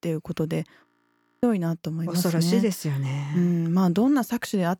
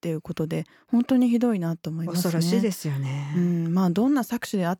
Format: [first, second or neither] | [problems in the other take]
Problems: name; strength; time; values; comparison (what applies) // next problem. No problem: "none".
second | audio freezing; at 1 s for 0.5 s